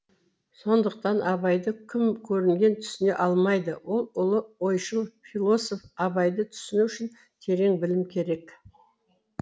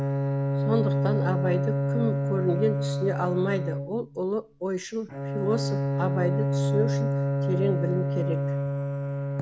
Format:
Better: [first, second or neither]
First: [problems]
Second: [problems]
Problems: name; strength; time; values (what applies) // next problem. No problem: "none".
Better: first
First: none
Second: background sound (Bowed string instrument); 3 dB above the speech